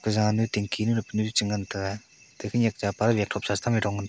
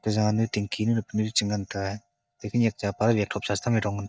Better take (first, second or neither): first